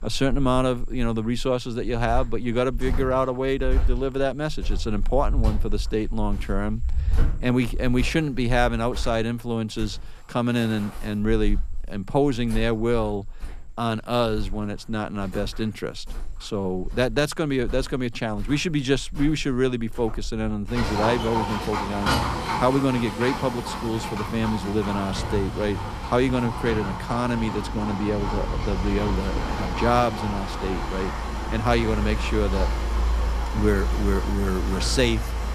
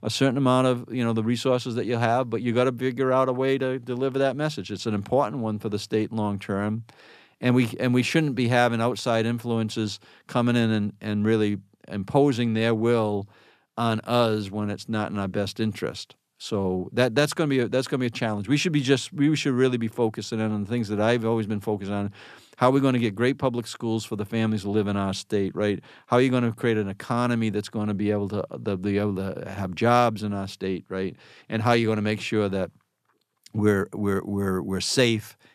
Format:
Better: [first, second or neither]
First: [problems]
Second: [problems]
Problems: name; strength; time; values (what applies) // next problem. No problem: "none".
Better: second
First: animal sounds; loud; throughout; 4 dB below the speech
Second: none